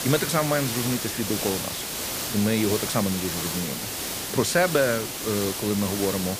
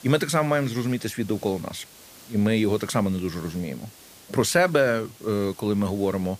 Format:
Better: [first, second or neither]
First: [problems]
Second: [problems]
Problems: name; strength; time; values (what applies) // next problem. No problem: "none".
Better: second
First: hiss; loud; throughout; 3 dB below the speech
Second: hiss; faint; throughout; 20 dB below the speech